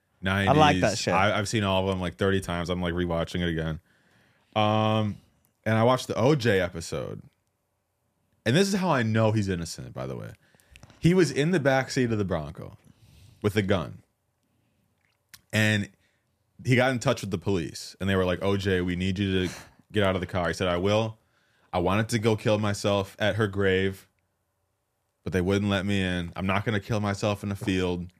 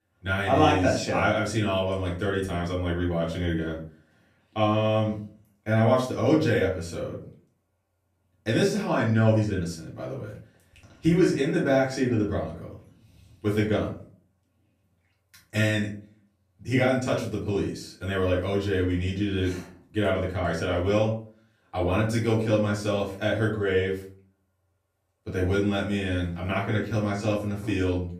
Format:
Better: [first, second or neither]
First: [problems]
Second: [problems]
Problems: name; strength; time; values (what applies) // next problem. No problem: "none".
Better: first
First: none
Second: off-mic speech; far // room echo; slight; dies away in 0.4 s